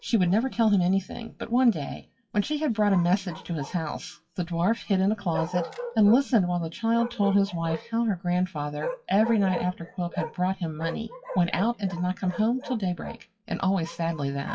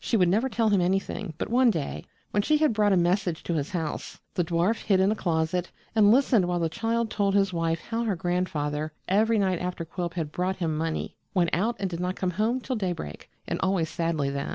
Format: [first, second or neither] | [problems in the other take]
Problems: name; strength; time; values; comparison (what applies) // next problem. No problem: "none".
second | noise reduction (classical method WPE with log-MMSE)